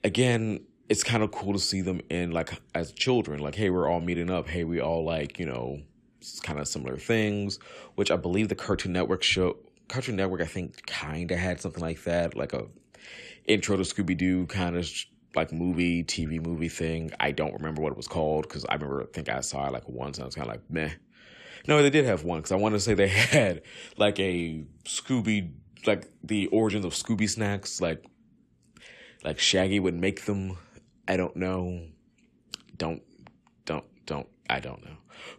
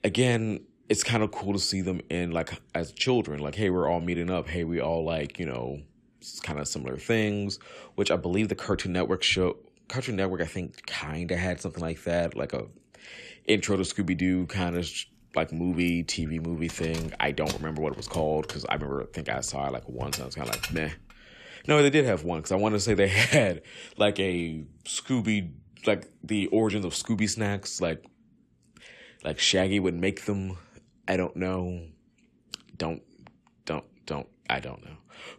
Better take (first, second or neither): first